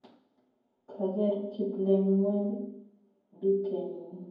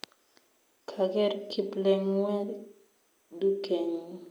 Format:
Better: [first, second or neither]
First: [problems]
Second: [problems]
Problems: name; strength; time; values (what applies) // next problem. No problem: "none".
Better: second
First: room echo; dies away in 0.9 s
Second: none